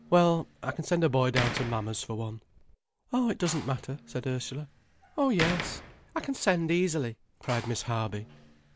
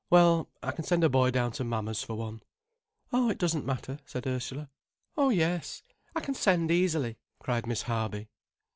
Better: second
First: background sound (Slam); 11 dB below the speech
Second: none

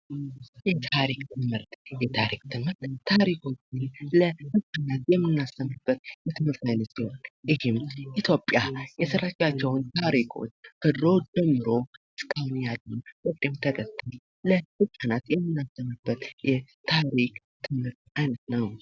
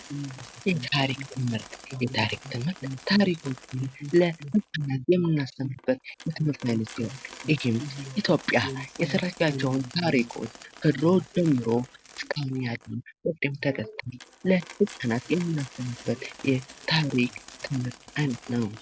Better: first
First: none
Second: background sound (Coin (dropping)); 20 dB below the speech

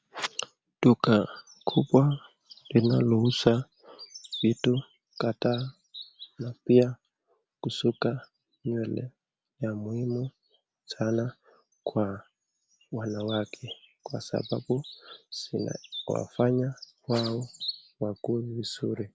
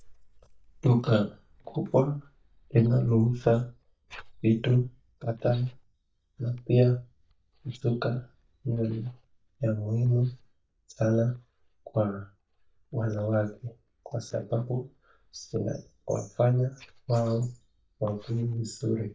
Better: first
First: none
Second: noise reduction (neural mask model DeepFilterNet 3)

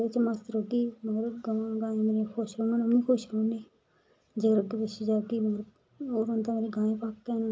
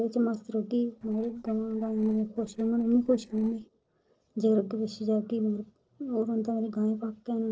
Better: first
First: none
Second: noise reduction (neural separator model SepFormer DNS4)

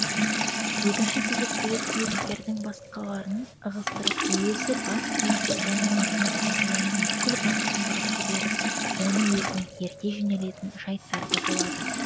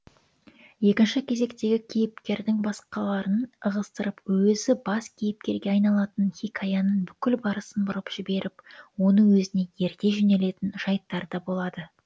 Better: second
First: background sound (Sink (filling or washing) / Water tap, faucet); 3 dB above the speech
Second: none

